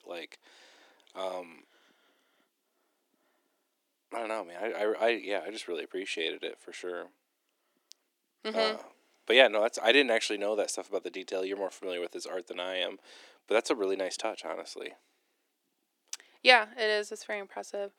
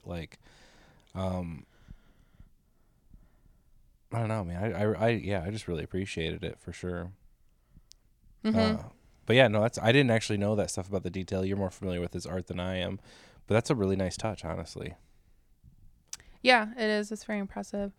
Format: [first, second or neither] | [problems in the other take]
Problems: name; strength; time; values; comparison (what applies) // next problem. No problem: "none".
second | thin; somewhat; fading below 300 Hz